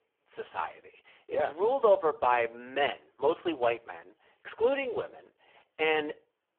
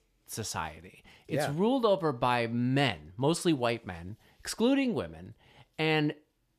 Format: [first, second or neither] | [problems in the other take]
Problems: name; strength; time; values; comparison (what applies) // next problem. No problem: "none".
second | phone-call audio; poor line